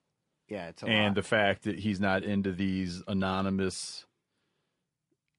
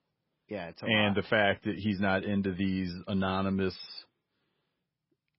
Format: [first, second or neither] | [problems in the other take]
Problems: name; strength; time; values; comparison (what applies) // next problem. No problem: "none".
first | garbled, watery; badly; nothing above 5.5 kHz; slightly in the first